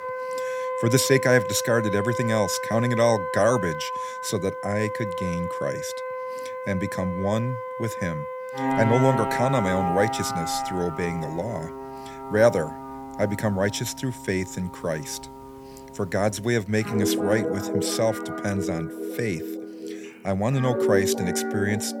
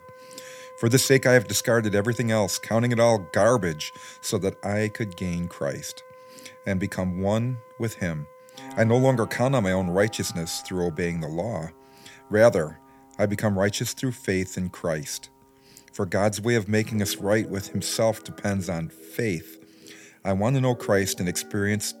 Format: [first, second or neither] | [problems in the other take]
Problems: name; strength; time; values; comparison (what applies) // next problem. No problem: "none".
second | background music; loud; throughout; 5 dB below the speech; faint in the second